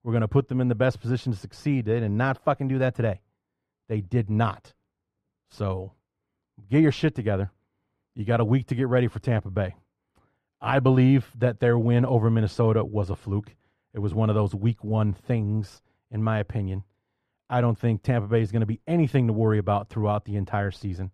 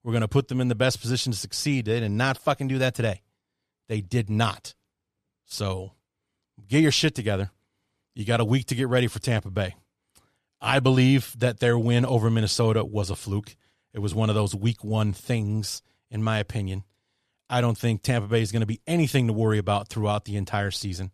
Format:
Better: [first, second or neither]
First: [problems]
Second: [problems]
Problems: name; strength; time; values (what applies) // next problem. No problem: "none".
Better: second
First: muffled; very; fading above 3 kHz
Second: none